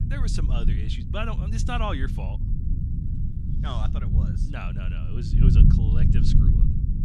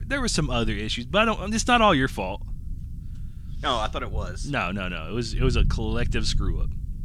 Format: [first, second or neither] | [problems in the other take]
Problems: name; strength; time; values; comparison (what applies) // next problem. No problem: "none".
second | low rumble; loud; throughout; 2 dB below the speech; faint in the second